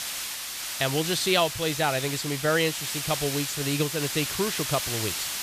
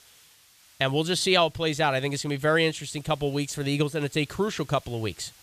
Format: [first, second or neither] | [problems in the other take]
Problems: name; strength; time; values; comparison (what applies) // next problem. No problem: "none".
second | hiss; loud; throughout; 3 dB below the speech; faint in the second